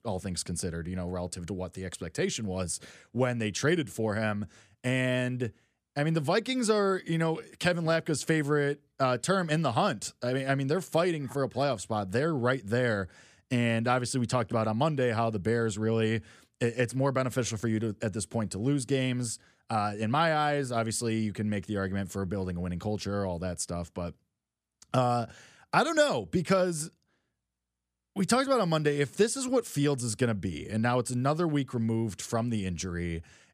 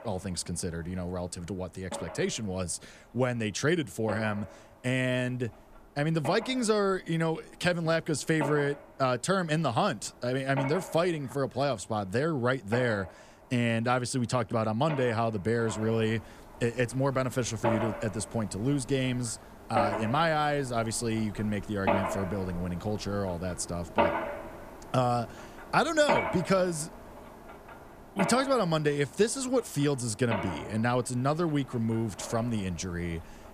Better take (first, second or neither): first